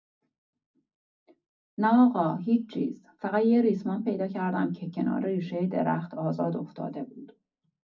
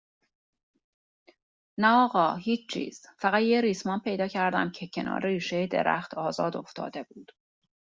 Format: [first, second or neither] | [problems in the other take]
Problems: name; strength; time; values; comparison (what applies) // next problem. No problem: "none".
second | room echo; dies away in 0.4 s